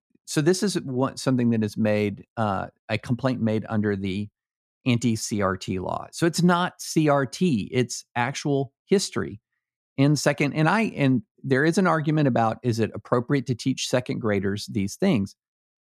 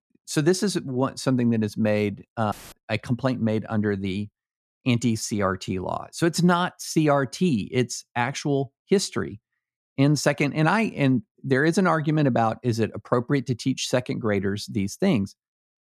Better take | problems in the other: first | audio cutting out; filled with static; at 2.5 s

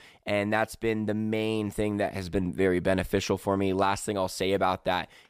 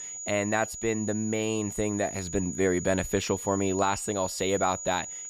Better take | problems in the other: first | high-pitched whine; loud; throughout; 7 kHz, 8 dB below the speech

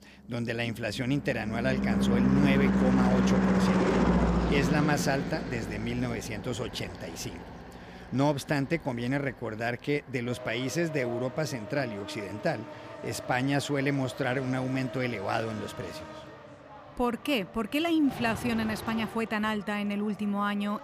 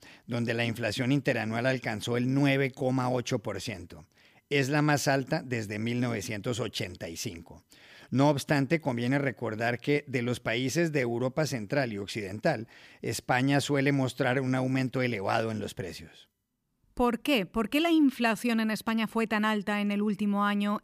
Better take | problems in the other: second | traffic noise; very loud; throughout; as loud as the speech

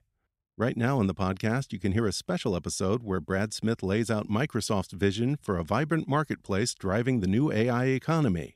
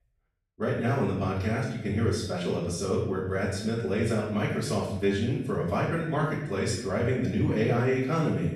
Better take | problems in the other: first | off-mic speech; far // room echo; noticeable; dies away in 0.7 s

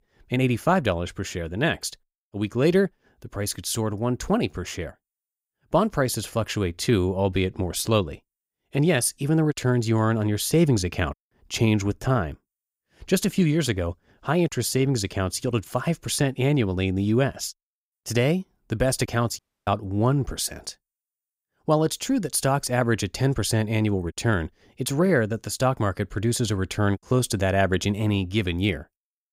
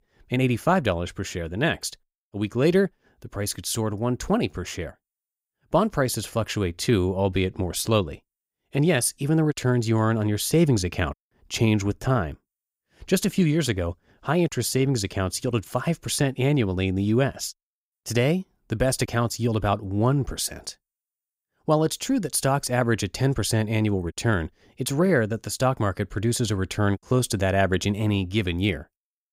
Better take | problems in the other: second | audio cutting out; at 19 s

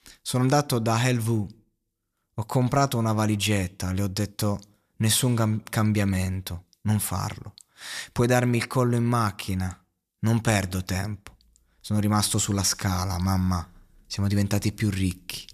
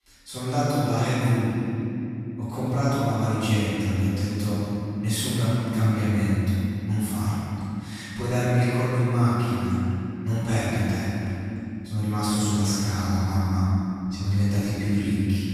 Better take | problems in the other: first | room echo; strong; dies away in 3 s // off-mic speech; far

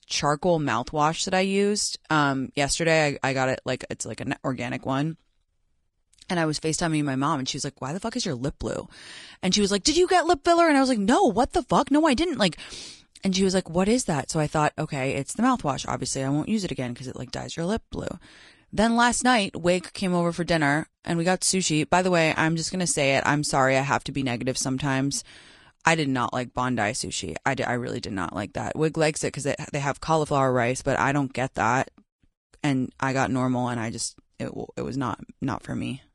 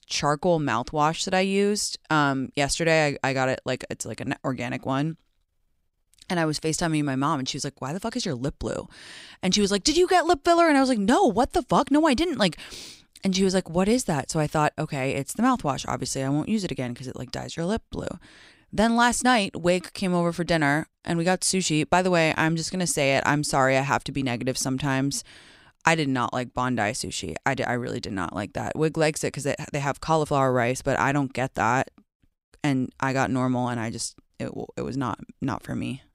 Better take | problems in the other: second | garbled, watery; slightly; nothing above 10.5 kHz

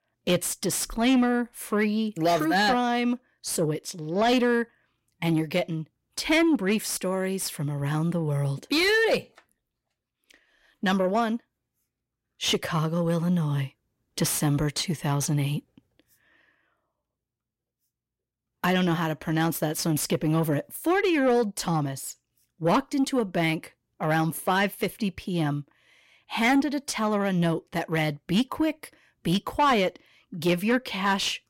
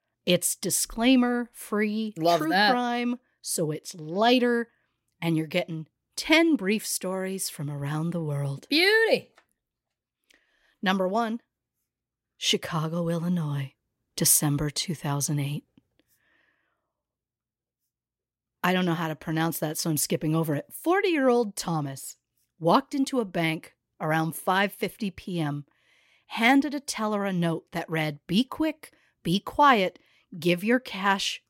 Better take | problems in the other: second | distortion; slight; 10 dB below the speech

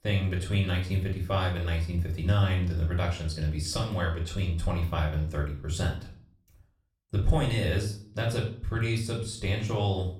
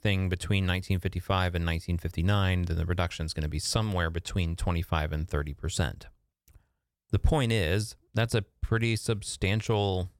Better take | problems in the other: second | off-mic speech; far // room echo; slight; dies away in 0.4 s

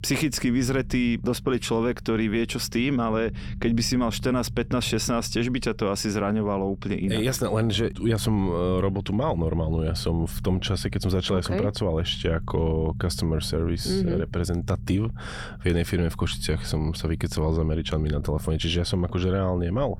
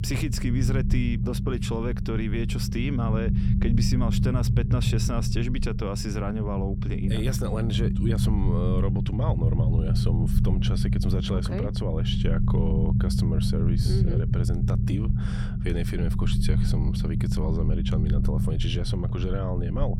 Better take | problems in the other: first | low rumble; loud; throughout; 3 dB below the speech; faint in the first

